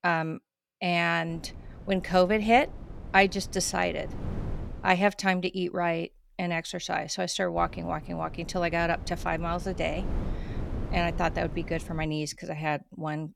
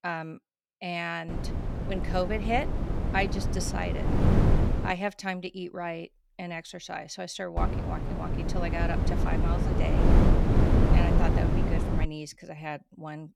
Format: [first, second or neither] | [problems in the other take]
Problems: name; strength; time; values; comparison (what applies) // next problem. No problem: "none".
first | wind noise on the microphone; heavy; from 1.5 to 5 s and from 7.5 to 12 s; 1 dB below the speech; occasional gusts in the first